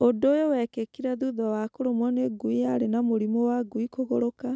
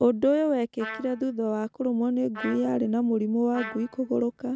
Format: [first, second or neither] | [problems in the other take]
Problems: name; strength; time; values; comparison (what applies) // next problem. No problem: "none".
first | background sound (Trumpet); 15 dB below the speech